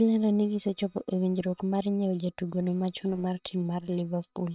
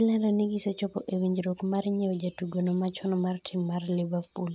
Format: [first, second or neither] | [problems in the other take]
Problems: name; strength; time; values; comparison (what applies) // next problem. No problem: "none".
second | noise reduction (neural separator model SepFormer WHAM!)